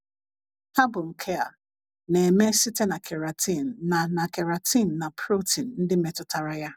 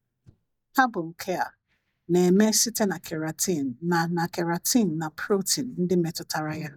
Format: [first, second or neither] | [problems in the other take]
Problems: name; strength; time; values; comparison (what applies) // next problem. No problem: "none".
first | noise reduction (neural mask model DeepFilterNet 3)